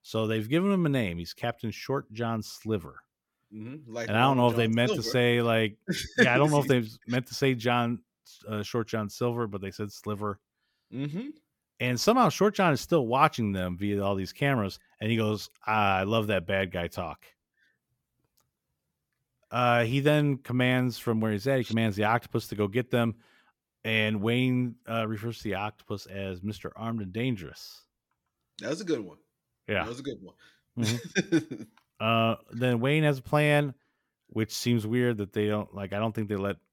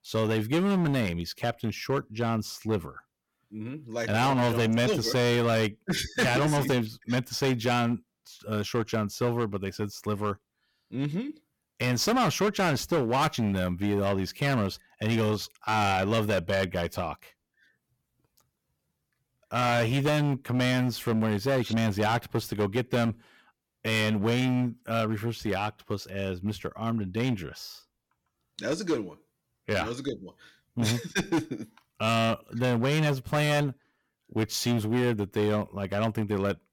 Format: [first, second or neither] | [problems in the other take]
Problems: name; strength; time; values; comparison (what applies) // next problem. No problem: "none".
first | distortion; heavy; 11% of the sound clipped